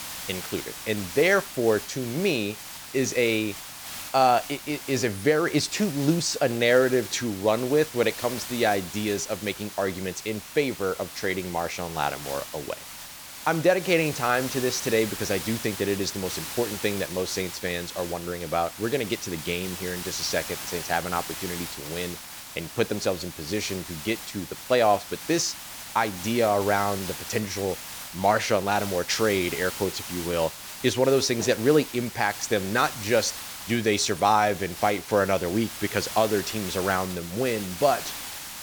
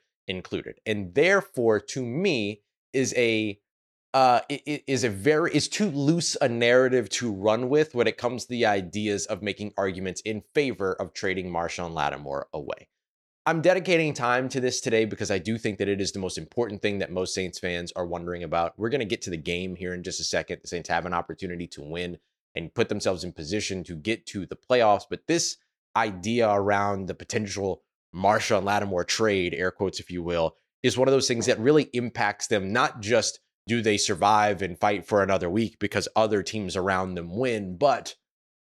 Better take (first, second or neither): second